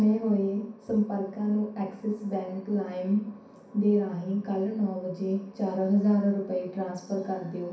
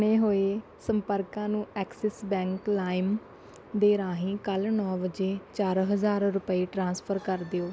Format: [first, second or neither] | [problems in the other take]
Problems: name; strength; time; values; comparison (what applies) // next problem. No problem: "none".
second | room echo; dies away in 0.6 s